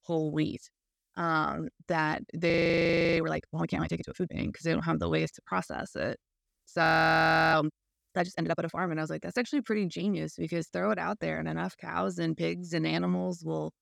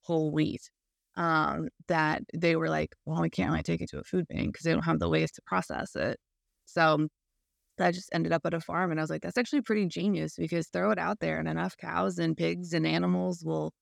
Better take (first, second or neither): second